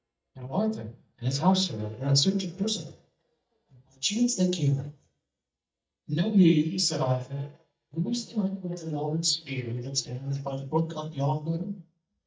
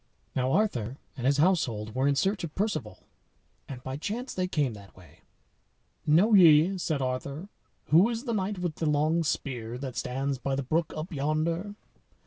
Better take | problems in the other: second | noise reduction (neural mask model DeepFilterNet 3)

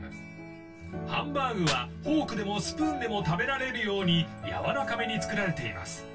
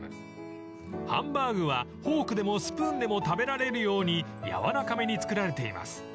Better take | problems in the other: second | background sound (Fire); 17 dB below the speech // room echo; dies away in 0.1 s

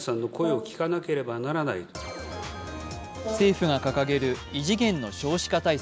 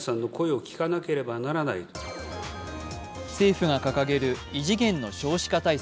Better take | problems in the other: second | background sound (Brass instrument); 13 dB below the speech

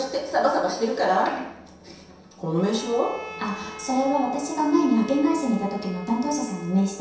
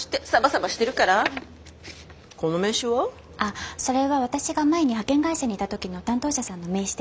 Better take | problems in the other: second | background sound (Bowed string instrument); 17 dB below the speech // room echo; dies away in 0.7 s

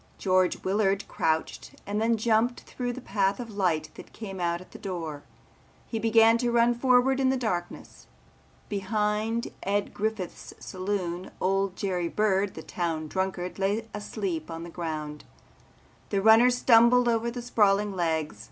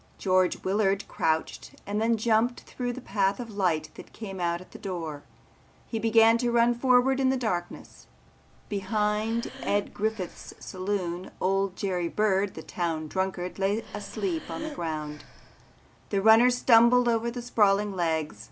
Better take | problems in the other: first | background sound (Breathing); 16 dB below the speech

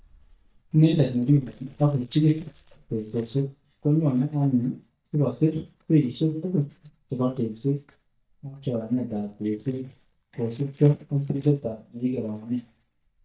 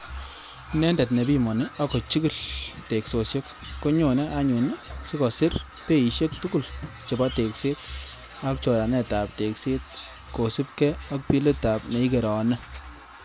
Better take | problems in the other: second | noise reduction (neural mask model DeepFilterNet 3)

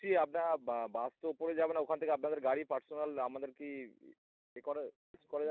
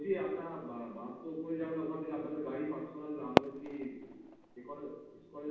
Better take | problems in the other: first | background sound (Fireworks); 1 dB below the speech // room echo; dies away in 1.2 s

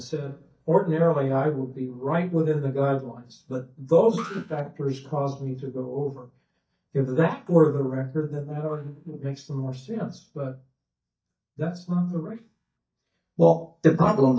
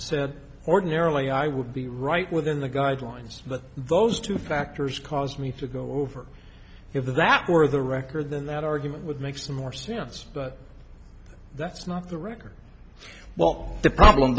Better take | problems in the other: second | noise reduction (neural mask model DeepFilterNet 3)

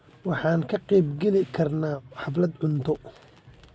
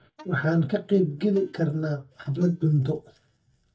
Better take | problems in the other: first | noise reduction (neural mask model DeepFilterNet 3)

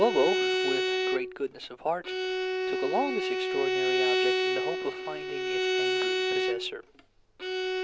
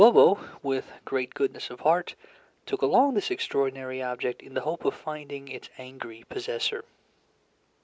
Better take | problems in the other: second | background sound (Bowed string instrument); 4 dB above the speech

